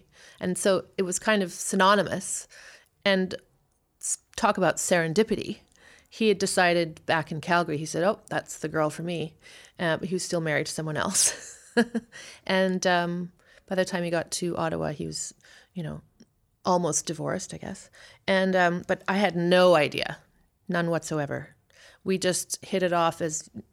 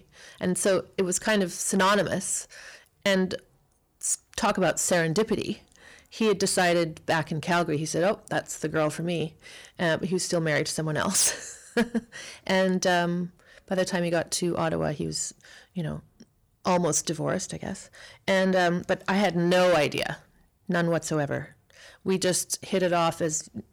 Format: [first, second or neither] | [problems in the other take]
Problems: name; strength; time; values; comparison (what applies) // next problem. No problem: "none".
first | distortion; slight; 10 dB below the speech